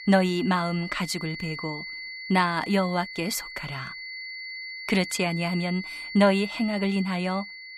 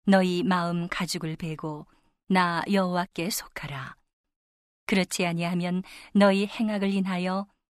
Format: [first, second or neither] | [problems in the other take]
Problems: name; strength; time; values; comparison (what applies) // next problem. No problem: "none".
second | high-pitched whine; loud; throughout; 2 kHz, 10 dB below the speech